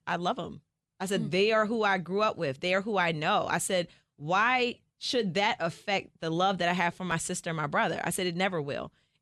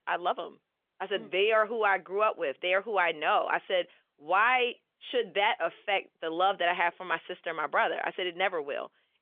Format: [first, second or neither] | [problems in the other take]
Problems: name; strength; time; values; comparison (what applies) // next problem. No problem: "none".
first | phone-call audio; nothing above 3.5 kHz